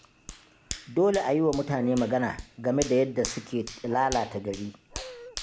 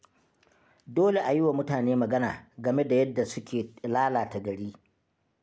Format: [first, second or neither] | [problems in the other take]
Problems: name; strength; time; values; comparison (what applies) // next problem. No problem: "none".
second | background sound (Dog + Hands); 13 dB below the speech